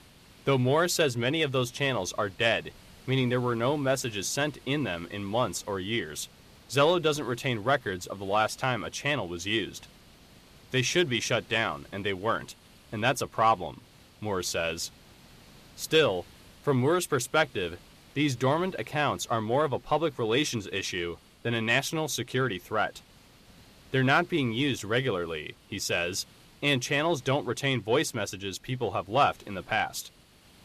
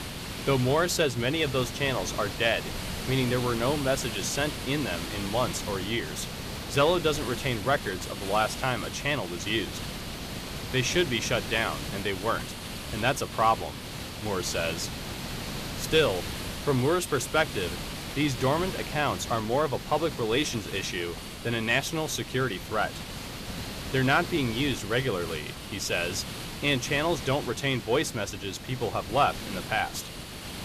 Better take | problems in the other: first | hiss; loud; throughout; 8 dB below the speech; faint in the first

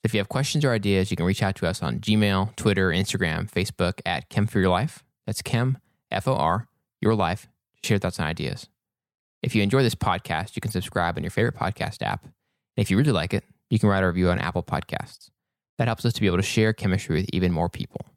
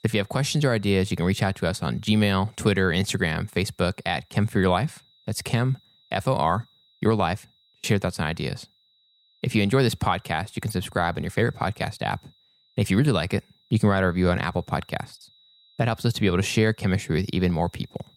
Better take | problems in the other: first | high-pitched whine; faint; throughout; 4 kHz, 35 dB below the speech

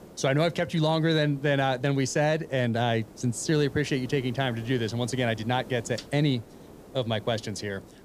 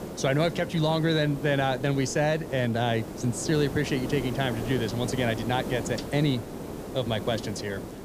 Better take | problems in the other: first | hiss; loud; throughout; 9 dB below the speech; faint in the first

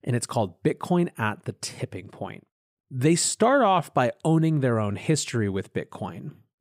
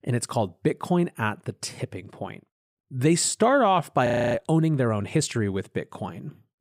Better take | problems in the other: first | audio freezing; at 4 s

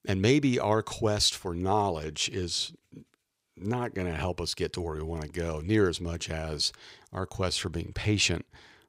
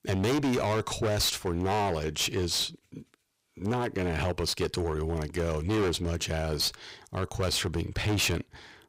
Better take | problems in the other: first | distortion; heavy; 18% of the sound clipped

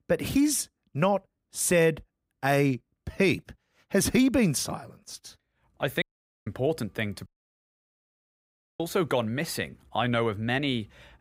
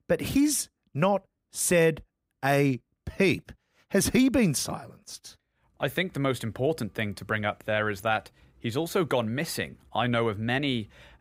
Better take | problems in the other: second | audio cutting out; at 6 s and at 7.5 s for 1.5 s

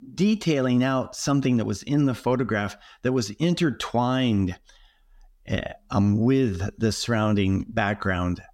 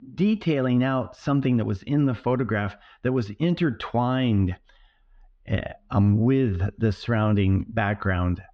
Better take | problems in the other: first | muffled; slightly; fading above 3 kHz

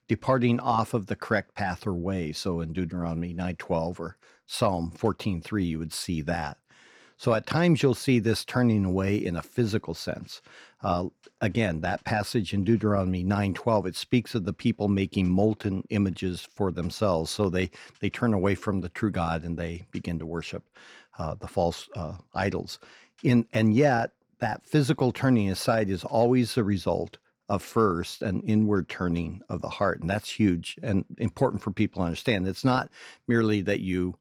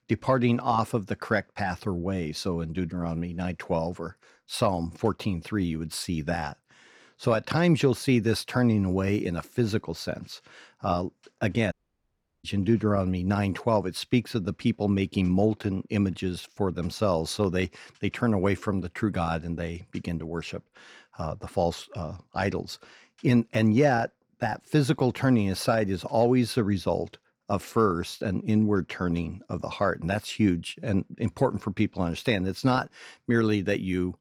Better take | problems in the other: first | audio cutting out; at 12 s for 0.5 s

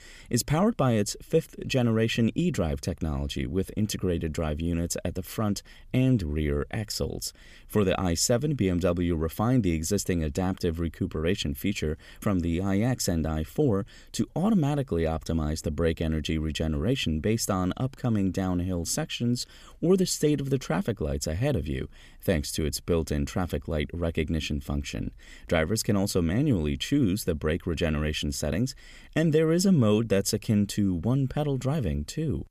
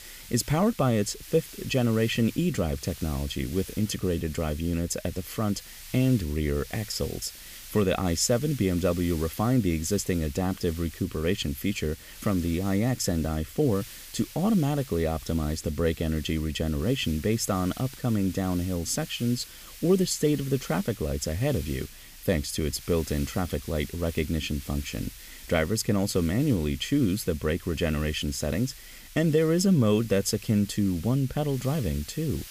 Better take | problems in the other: first | hiss; noticeable; throughout; 15 dB below the speech

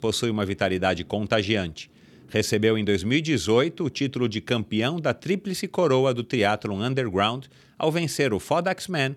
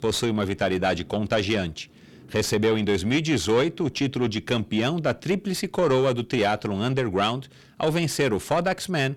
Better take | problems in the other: first | distortion; slight; 10 dB below the speech

